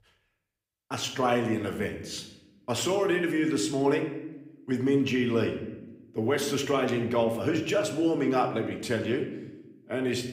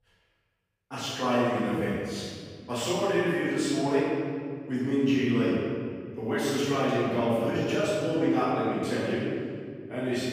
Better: first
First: room echo; slight; dies away in 0.8 s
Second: room echo; strong; dies away in 1.9 s // off-mic speech; far

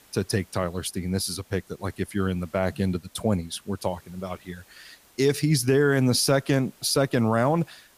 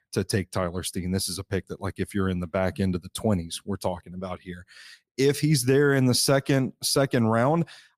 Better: second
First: hiss; faint; throughout; 30 dB below the speech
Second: none

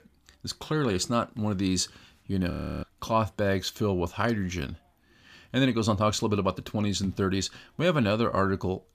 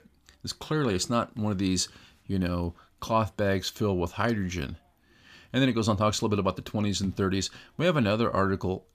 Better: second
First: audio freezing; at 2.5 s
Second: none

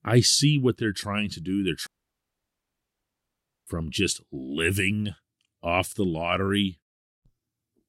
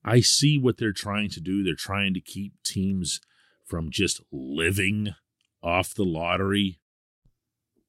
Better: second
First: audio cutting out; at 2 s for 2 s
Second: none

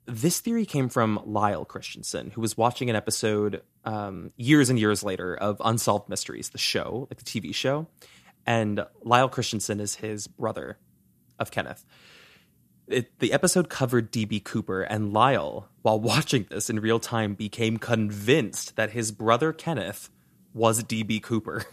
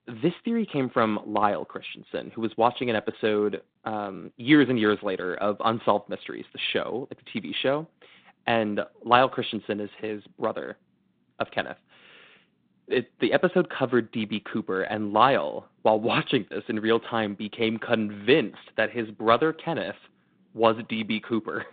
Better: first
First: none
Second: phone-call audio; nothing above 3.5 kHz

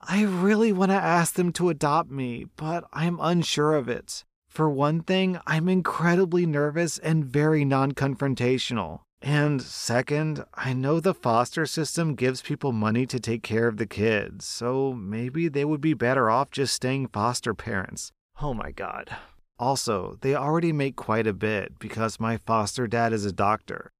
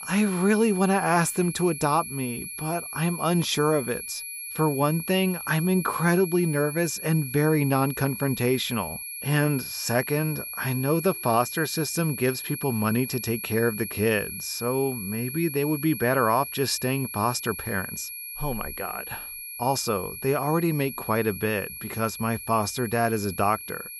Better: first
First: none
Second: high-pitched whine; loud; throughout; 11.5 kHz, 8 dB below the speech

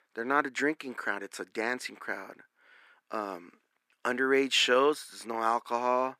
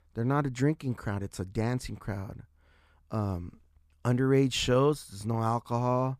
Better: second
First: thin; somewhat; fading below 300 Hz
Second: none

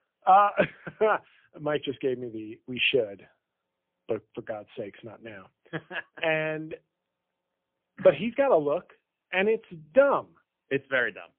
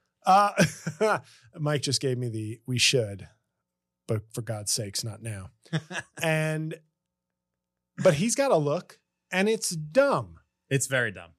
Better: second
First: phone-call audio; poor line; nothing above 3.5 kHz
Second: none

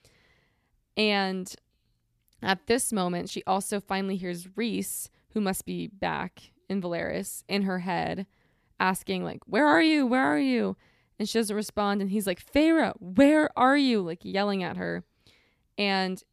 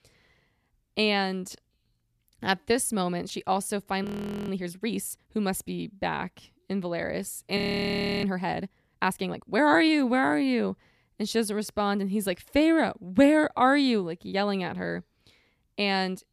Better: first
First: none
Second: audio freezing; at 4 s and at 7.5 s for 0.5 s

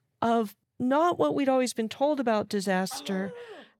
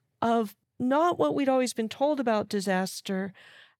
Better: second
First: dog barking; faint; at 3 s; peak 15 dB below the speech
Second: none

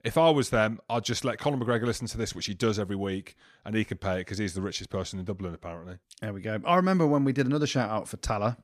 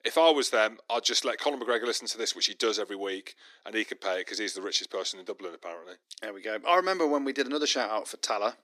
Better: first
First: none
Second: thin; somewhat; fading below 300 Hz

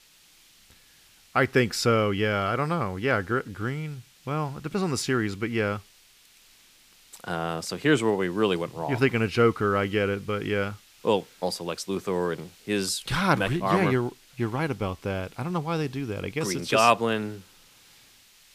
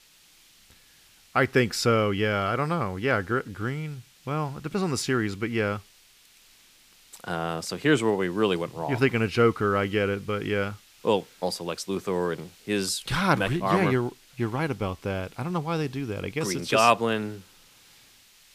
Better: neither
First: hiss; faint; throughout; 25 dB below the speech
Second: hiss; faint; throughout; 25 dB below the speech

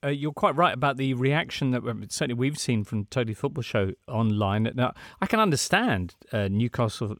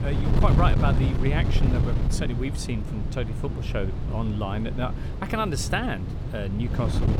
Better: first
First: none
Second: wind noise on the microphone; heavy; 6 dB below the speech

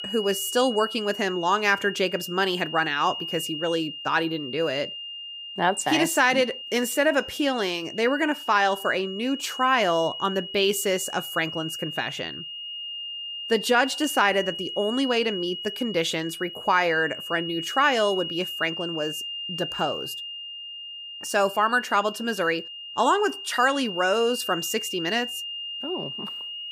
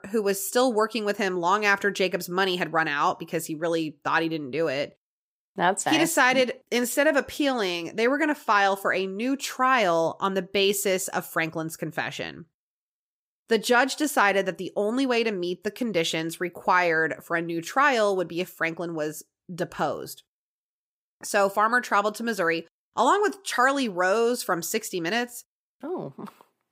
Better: second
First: high-pitched whine; loud; throughout; 3 kHz, 8 dB below the speech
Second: none

